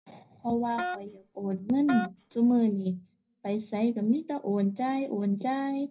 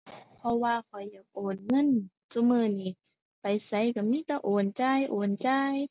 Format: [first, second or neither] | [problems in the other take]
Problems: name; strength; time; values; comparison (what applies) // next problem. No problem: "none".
second | background sound (Wind instrument, woodwind instrument); 8 dB below the speech // room echo; dies away in 0.4 s